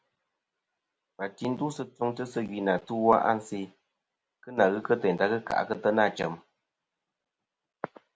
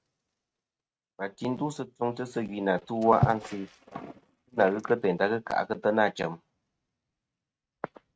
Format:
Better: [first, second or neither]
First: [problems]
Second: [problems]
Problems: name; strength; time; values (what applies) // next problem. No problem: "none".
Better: first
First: none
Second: noise reduction (neural mask model RNNoise)